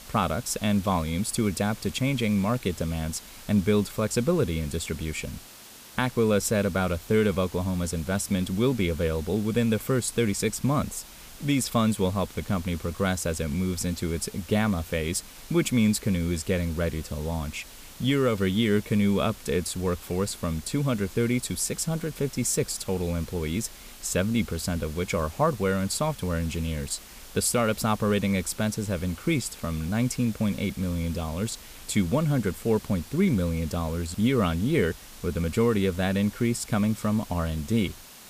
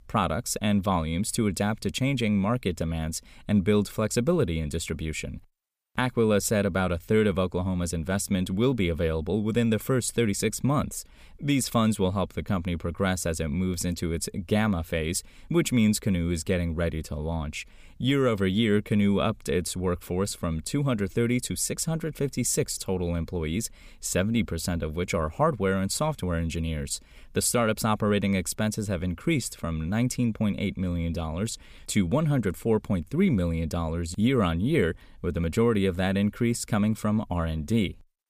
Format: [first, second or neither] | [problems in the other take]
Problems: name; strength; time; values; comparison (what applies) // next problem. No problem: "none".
second | hiss; noticeable; throughout; 20 dB below the speech